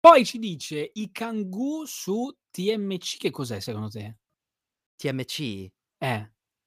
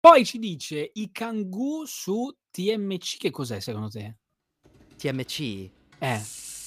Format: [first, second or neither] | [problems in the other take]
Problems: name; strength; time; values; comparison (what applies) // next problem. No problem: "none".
first | household noises; noticeable; from 4.5 s on; 15 dB below the speech